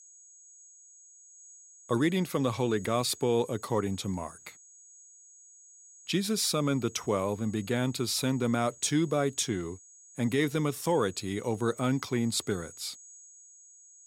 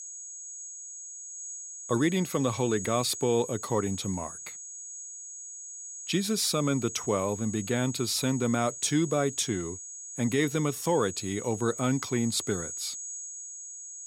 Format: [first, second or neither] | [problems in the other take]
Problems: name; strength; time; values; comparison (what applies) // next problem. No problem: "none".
first | high-pitched whine; loud; throughout; 6.5 kHz, 9 dB below the speech; faint in the first